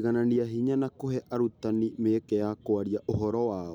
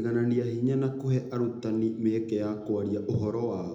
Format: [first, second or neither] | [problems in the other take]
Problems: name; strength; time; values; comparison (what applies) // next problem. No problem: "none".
first | room echo; dies away in 0.8 s